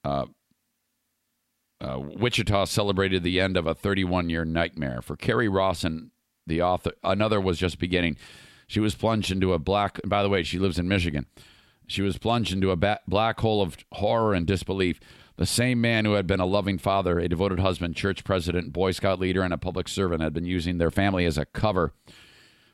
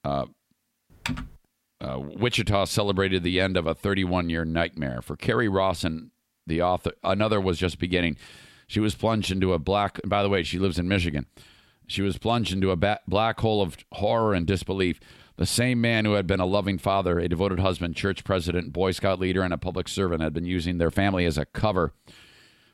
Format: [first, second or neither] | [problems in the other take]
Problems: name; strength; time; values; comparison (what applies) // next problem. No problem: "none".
first | keyboard typing; noticeable; at 1 s; peak 7 dB below the speech